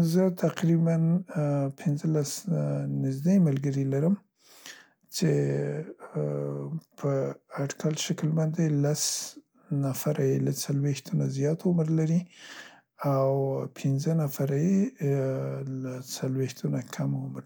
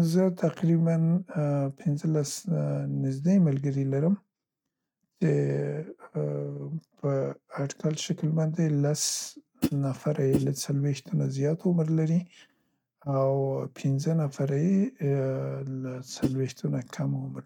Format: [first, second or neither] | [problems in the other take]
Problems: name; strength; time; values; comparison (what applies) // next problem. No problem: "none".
first | noise reduction (neural mask model RNNoise)